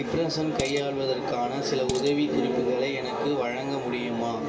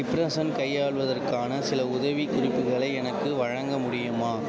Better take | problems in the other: second | background sound (Dishes, pots, and pans); 12 dB below the speech // room echo; dies away in 2.7 s

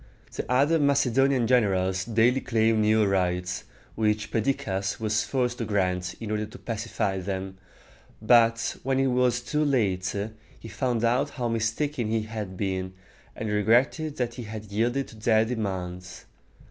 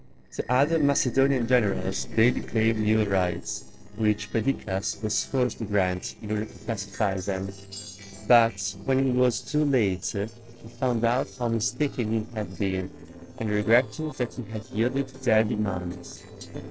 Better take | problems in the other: first | noise reduction (neural separator model SepFormer DNS4)

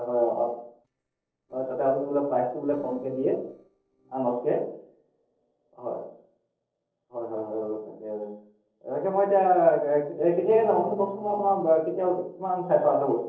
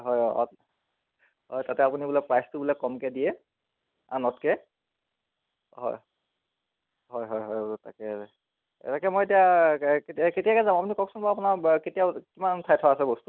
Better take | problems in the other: second | noise reduction (neural separator model SepFormer DNS4)

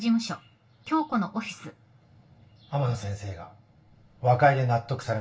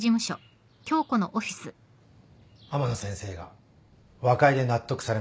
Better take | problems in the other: second | room echo; dies away in 0.2 s

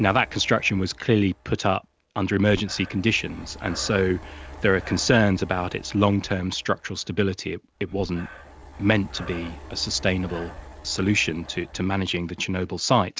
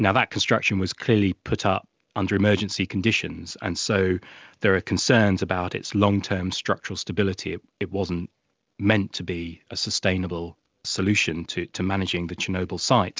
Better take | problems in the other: second | background sound (Breathing); 18 dB below the speech

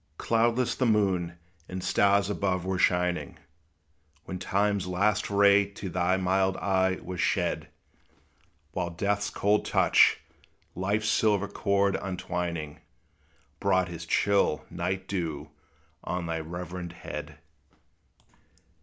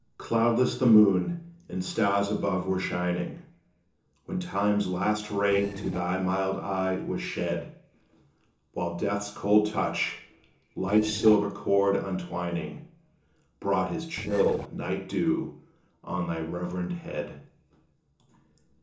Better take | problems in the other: first | noise reduction (neural separator model SepFormer DNS4)

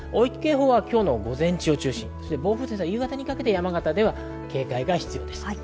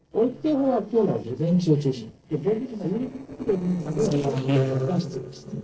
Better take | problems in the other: first | noise reduction (neural separator model SepFormer DNS4)

